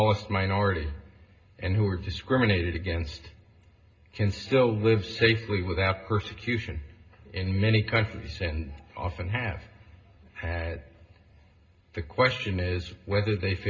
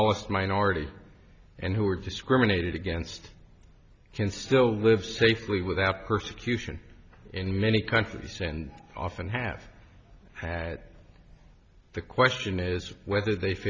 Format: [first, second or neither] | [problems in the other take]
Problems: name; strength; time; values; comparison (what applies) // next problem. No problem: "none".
second | room echo; dies away in 0.2 s